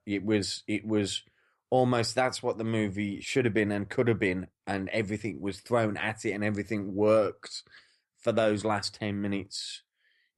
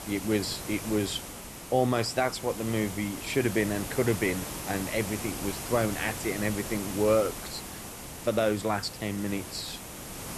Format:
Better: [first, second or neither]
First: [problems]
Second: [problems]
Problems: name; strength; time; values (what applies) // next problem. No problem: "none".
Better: first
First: none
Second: hiss; loud; throughout; 8 dB below the speech